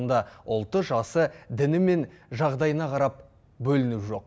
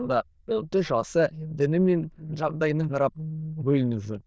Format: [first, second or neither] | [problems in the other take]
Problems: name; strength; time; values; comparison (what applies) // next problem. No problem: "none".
first | noise reduction (neural diffusion model UNIVERSE++)